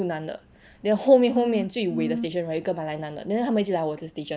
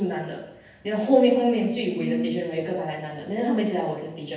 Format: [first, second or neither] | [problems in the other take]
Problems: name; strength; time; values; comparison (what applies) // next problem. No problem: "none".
first | room echo; dies away in 0.9 s